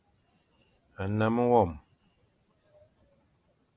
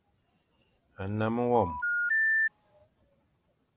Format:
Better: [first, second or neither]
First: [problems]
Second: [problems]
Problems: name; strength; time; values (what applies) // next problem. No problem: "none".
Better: first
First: none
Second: background sound (Telephone); 4 dB above the speech